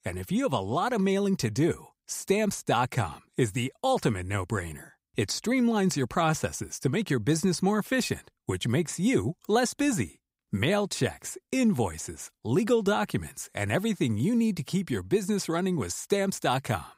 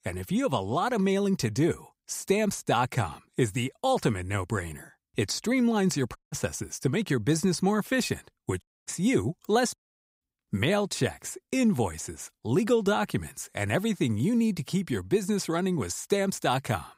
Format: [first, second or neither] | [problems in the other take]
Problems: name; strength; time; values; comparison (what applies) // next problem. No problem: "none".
first | audio cutting out; at 6 s, at 8.5 s and at 10 s